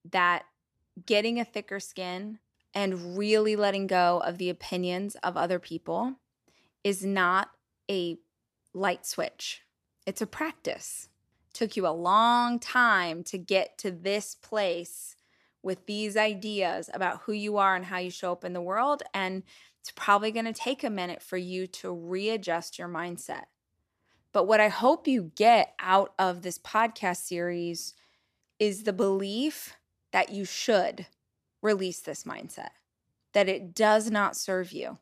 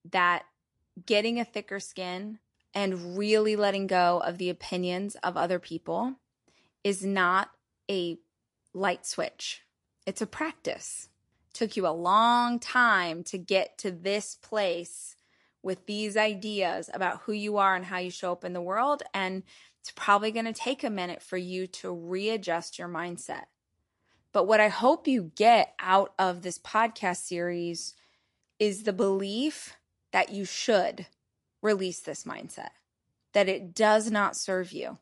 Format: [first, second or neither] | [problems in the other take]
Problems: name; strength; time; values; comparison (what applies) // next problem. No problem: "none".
first | garbled, watery; slightly; nothing above 11 kHz